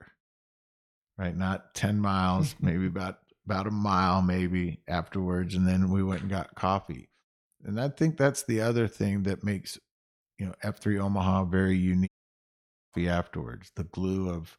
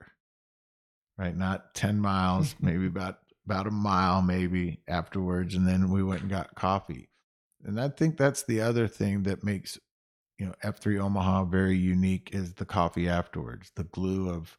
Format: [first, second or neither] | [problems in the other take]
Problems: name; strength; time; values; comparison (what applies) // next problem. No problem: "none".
second | audio cutting out; at 12 s for 1 s